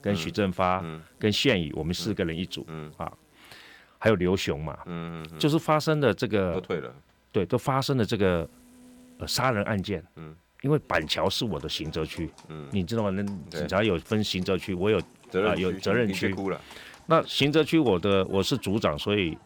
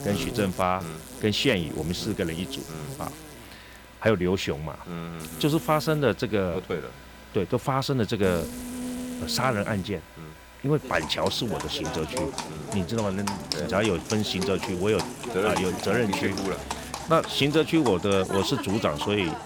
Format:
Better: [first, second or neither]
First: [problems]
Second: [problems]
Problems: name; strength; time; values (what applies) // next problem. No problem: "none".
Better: first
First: animal sounds; faint; throughout; 25 dB below the speech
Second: animal sounds; loud; throughout; 9 dB below the speech